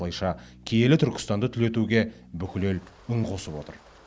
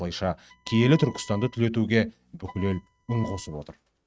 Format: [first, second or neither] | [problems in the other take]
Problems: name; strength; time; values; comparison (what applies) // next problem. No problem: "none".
first | noise reduction (neural mask model RNNoise)